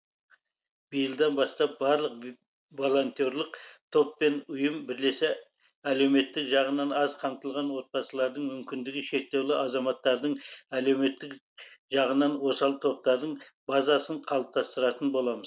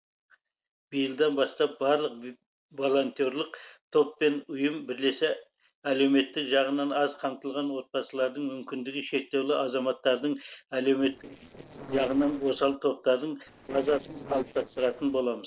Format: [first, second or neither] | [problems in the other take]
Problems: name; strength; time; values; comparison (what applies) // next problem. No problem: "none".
first | noise reduction (neural separator model SepFormer DNS4)